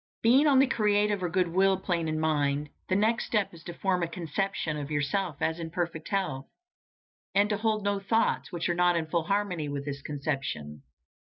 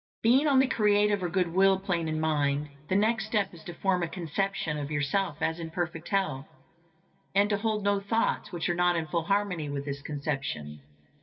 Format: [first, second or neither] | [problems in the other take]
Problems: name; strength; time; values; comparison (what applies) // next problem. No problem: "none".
first | room echo; dies away in 1.9 s